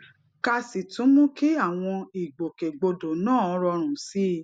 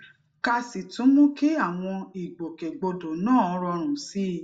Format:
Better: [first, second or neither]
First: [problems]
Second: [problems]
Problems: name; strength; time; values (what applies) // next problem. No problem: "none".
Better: first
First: none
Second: room echo; dies away in 0.3 s